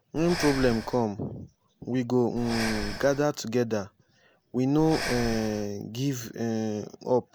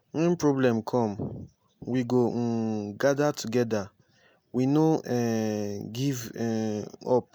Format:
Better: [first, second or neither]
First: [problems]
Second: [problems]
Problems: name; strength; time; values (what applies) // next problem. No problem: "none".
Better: second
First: background sound (Breathing); 10 dB below the speech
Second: none